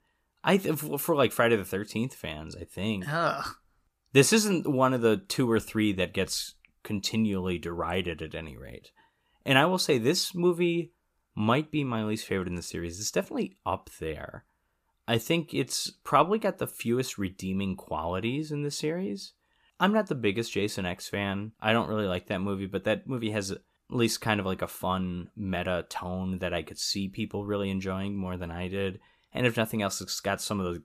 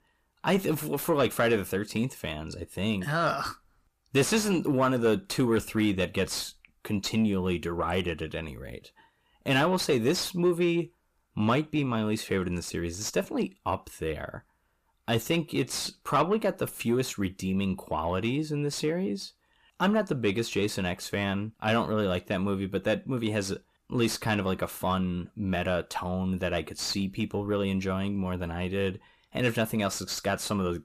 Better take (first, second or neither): first